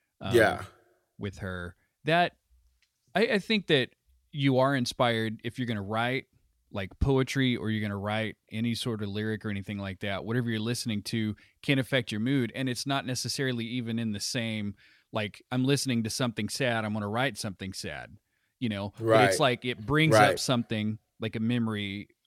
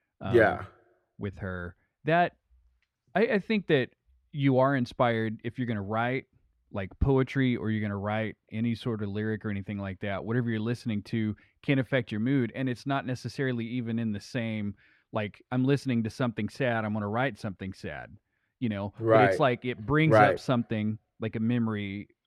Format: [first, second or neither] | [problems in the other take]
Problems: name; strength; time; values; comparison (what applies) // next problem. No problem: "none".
first | muffled; slightly; fading above 3.5 kHz